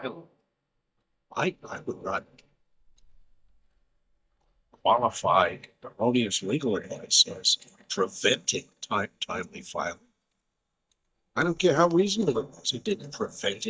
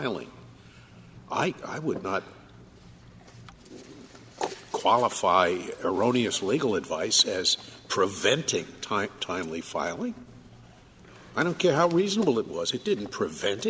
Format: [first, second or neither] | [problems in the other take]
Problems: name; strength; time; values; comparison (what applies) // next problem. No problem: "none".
second | noise reduction (neural mask model DeepFilterNet 3)